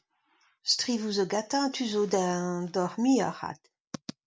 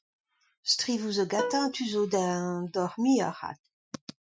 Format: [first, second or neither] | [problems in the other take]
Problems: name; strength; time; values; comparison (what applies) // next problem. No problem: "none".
first | noise reduction (classical method Wiener filter)